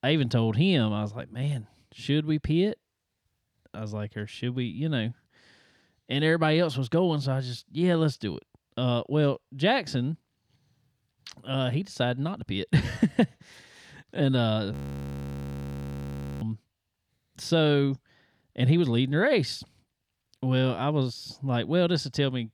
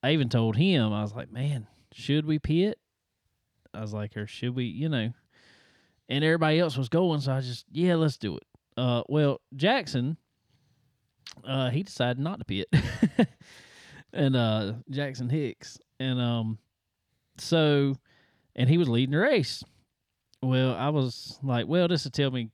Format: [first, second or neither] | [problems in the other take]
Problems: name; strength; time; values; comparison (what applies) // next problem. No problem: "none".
second | audio freezing; at 15 s for 1.5 s